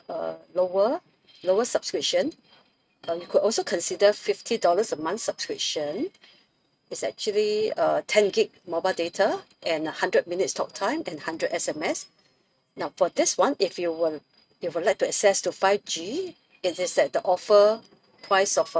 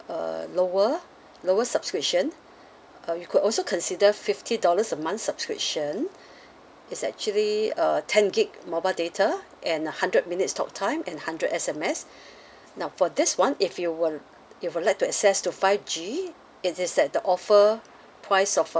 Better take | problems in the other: second | noise reduction (neural mask model RNNoise)

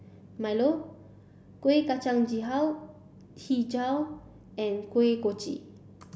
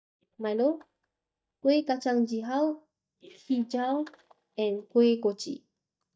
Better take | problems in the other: first | noise reduction (neural mask model DeepFilterNet 3)

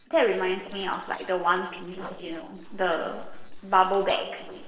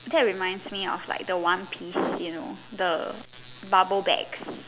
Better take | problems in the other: second | noise reduction (neural separator model SepFormer DNS4)

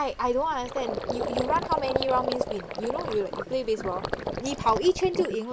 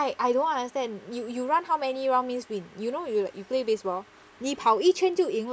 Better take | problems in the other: second | background sound (Gurgling); 5 dB below the speech

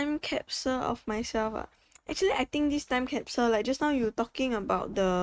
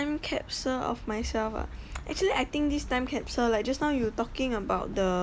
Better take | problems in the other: second | noise reduction (neural mask model RNNoise)

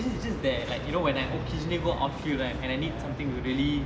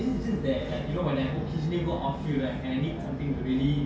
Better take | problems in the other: first | room echo; dies away in 0.2 s

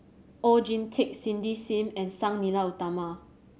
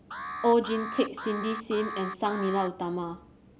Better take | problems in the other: first | background sound (Alarm); 9 dB below the speech

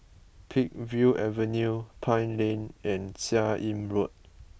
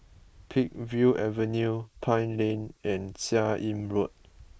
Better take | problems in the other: first | noise reduction (neural mask model Resemble Enhance denoiser)

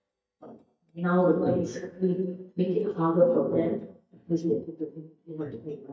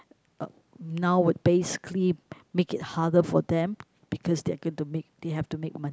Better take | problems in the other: second | noise reduction (neural mask model DeepFilterNet 3)

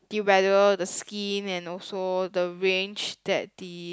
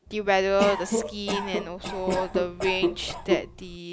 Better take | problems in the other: first | background sound (Cough); 3 dB below the speech

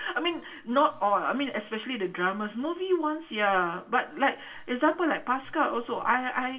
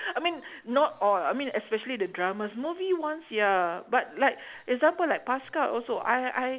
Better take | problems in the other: second | room echo; dies away in 0.2 s

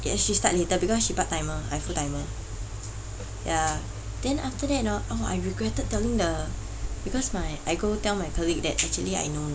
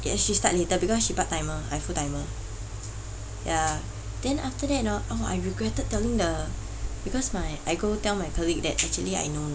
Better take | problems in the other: second | background sound (Drum kit); 20 dB below the speech

